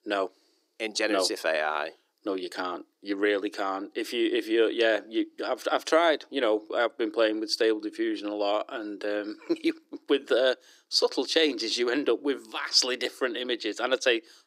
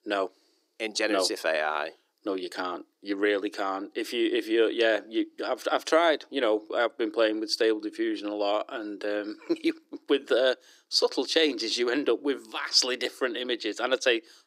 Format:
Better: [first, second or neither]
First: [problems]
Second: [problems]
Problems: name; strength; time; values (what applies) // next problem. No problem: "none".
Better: neither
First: thin; somewhat; fading below 300 Hz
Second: thin; somewhat; fading below 300 Hz